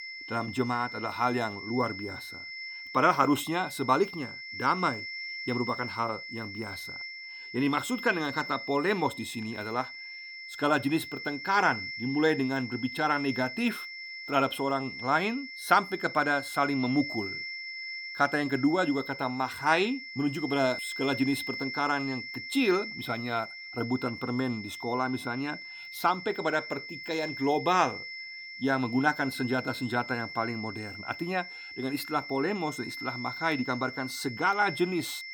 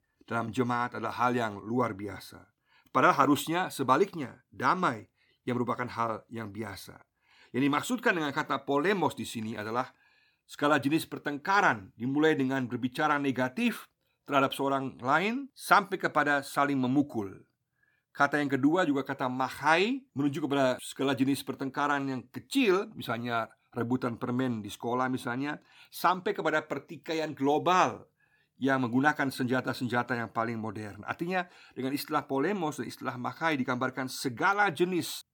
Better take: second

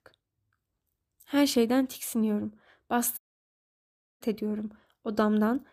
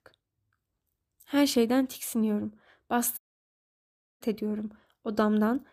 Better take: neither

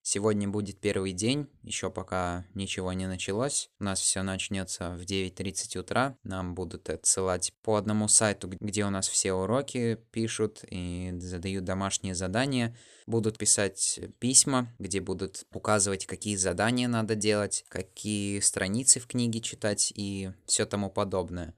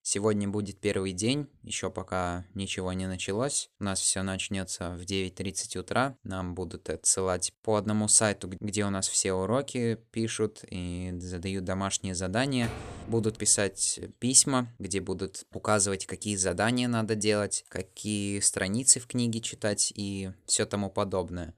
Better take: first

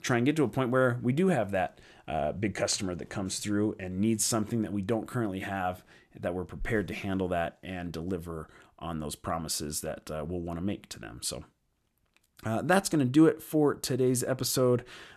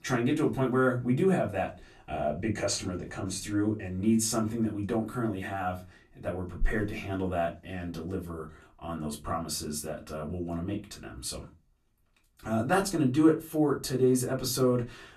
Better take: first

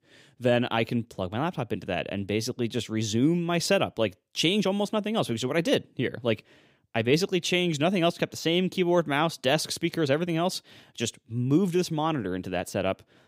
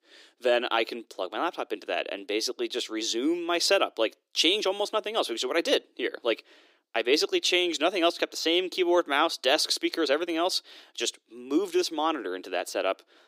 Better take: first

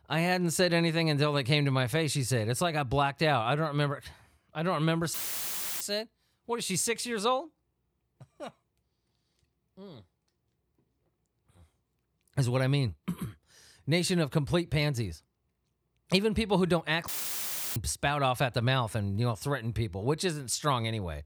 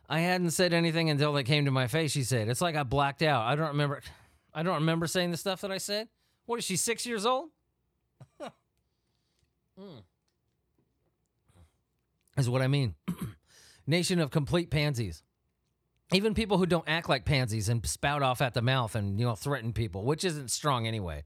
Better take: second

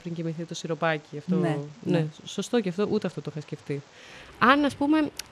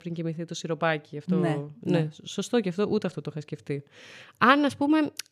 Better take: second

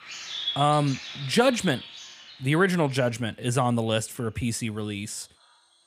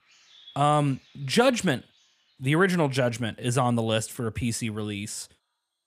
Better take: second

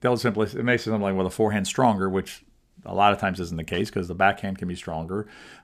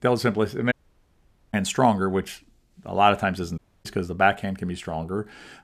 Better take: first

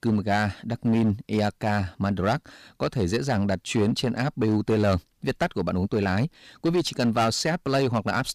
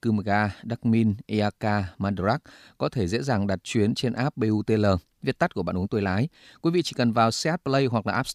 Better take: second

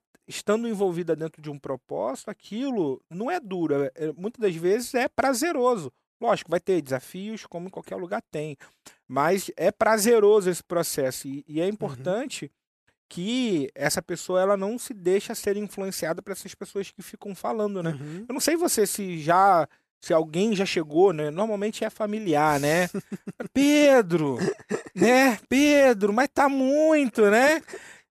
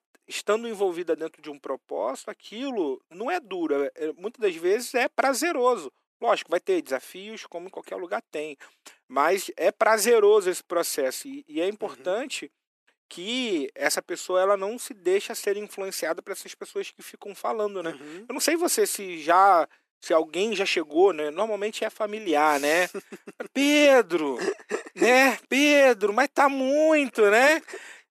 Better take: first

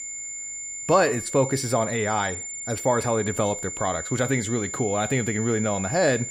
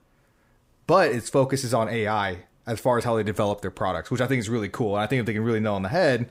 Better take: second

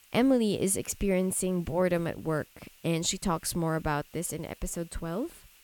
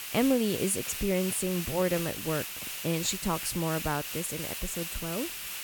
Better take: first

